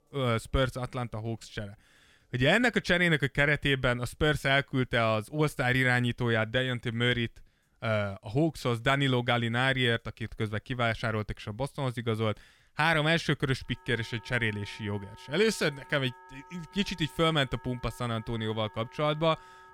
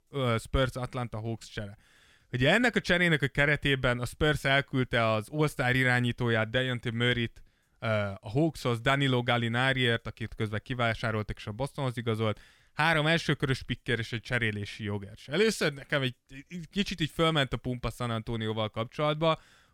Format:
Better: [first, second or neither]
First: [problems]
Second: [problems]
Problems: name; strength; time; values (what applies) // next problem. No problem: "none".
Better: second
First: background music; faint; throughout; 25 dB below the speech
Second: none